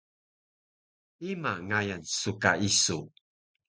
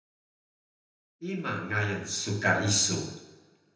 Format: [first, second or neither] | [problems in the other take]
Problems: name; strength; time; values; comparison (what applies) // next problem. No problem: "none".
first | room echo; dies away in 0.8 s